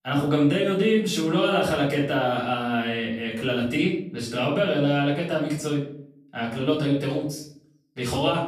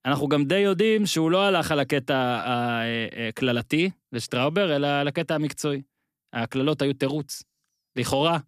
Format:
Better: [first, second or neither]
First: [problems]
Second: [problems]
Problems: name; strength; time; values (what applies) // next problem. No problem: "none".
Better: second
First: room echo; noticeable; dies away in 0.5 s // off-mic speech; far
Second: none